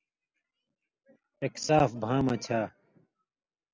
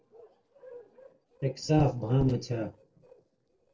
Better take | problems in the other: first | noise reduction (neural separator model SepFormer DNS4)

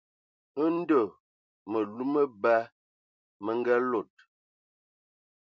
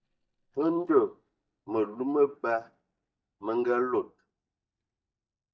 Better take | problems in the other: first | noise reduction (neural mask model DeepFilterNet 3)

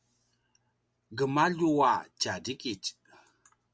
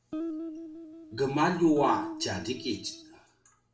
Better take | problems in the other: first | background sound (Guitar); 9 dB below the speech // room echo; dies away in 0.4 s

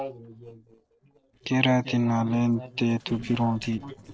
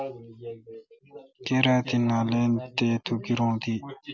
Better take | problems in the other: second | noise reduction (neural separator model SepFormer DNS4)

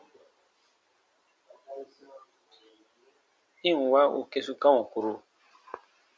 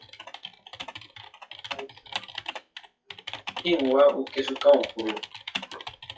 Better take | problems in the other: first | noise reduction (classical method WPE with log-MMSE)

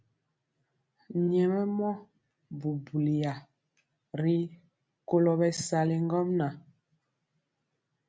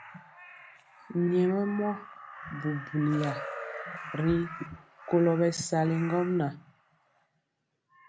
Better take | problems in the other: first | background sound (Crow); 13 dB below the speech

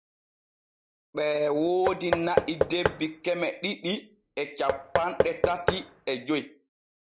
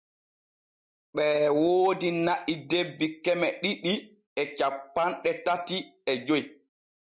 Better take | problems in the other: second | background sound (Knock / Wood); 1 dB below the speech

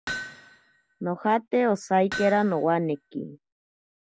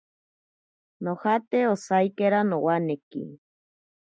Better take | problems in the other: second | background sound (Hammer); 13 dB below the speech

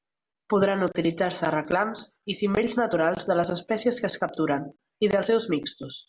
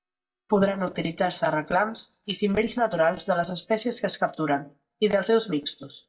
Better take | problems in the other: first | noise reduction (neural mask model DeepFilterNet 3)

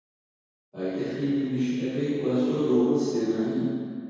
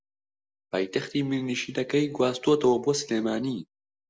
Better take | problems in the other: second | room echo; dies away in 2 s

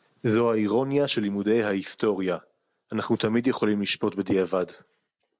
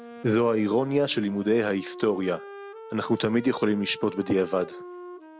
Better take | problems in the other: first | background sound (Wind instrument, woodwind instrument); 16 dB below the speech

